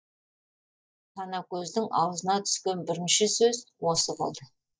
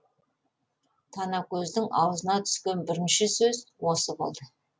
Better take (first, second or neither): second